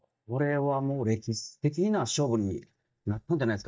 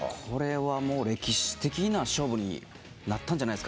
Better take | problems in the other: second | noise reduction (neural mask model DeepFilterNet 3)

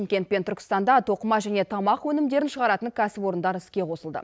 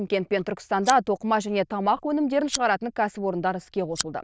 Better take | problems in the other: first | noise reduction (neural diffusion model UNIVERSE++)

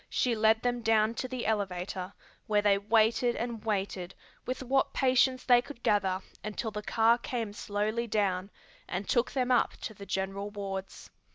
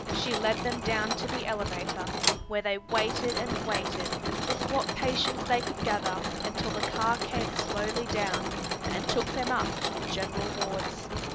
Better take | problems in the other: first | background sound (Mechanisms); 1 dB above the speech

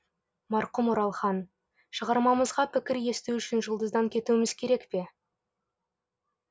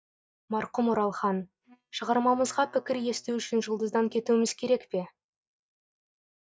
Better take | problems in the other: first | noise reduction (neural mask model DeepFilterNet 3)

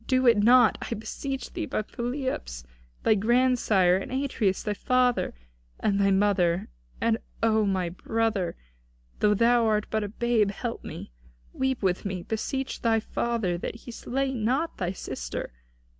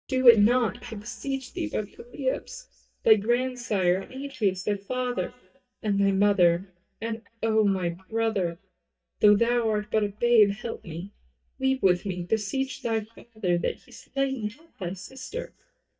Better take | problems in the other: first | noise reduction (neural mask model DeepFilterNet 3)

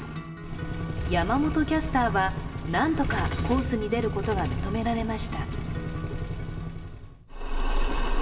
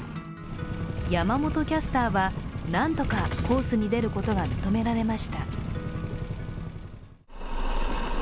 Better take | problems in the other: second | room echo; dies away in 2.3 s

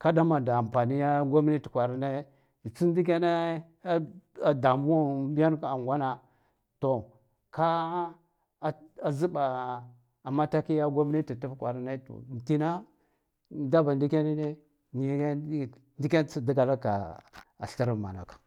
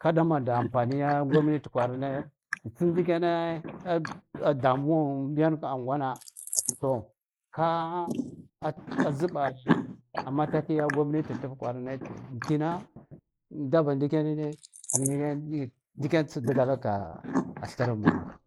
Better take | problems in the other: first | noise reduction (neural mask model Resemble Enhance denoiser)

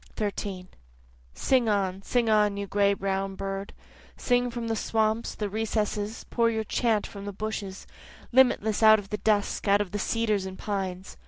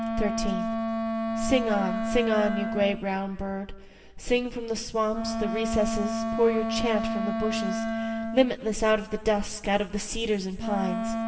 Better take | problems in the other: first | background sound (Wind instrument, woodwind instrument); 3 dB below the speech // room echo; dies away in 2.8 s

